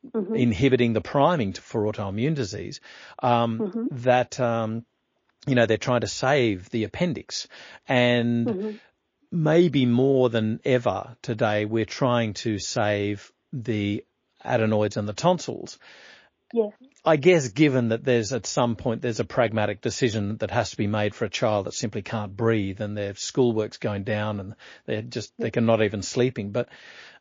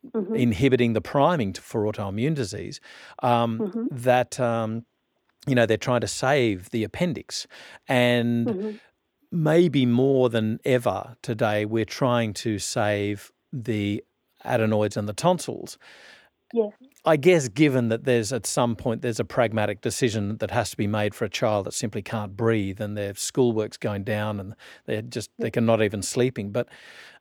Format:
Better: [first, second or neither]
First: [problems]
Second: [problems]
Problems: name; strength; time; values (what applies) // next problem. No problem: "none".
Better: second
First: garbled, watery; slightly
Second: none